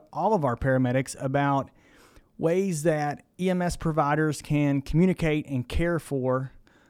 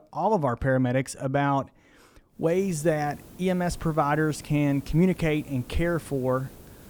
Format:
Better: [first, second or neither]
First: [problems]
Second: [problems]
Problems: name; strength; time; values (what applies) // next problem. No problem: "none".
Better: first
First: none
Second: hiss; faint; from 2.5 s on; 20 dB below the speech